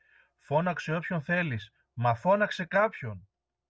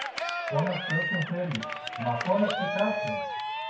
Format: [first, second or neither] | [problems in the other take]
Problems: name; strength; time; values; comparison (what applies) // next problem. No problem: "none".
first | background sound (Cheering); 2 dB below the speech // room echo; dies away in 0.6 s